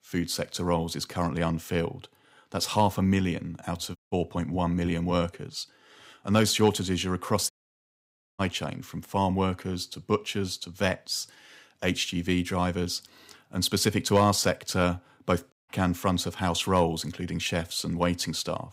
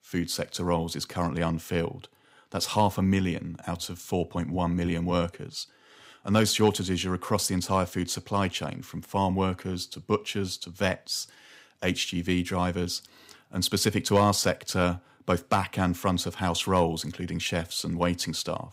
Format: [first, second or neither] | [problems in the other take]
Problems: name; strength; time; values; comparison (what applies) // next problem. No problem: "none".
second | audio cutting out; at 4 s, at 7.5 s for 1 s and at 16 s